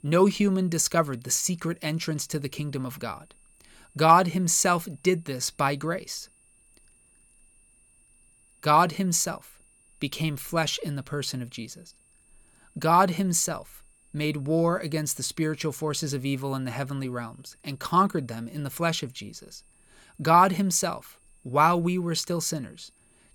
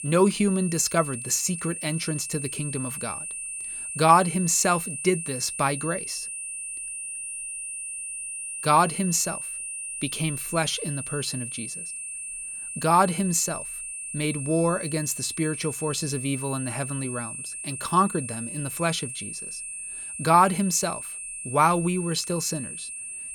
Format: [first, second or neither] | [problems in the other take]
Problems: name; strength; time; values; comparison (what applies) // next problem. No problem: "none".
first | high-pitched whine; loud; throughout; 8.5 kHz, 7 dB below the speech; faint in the first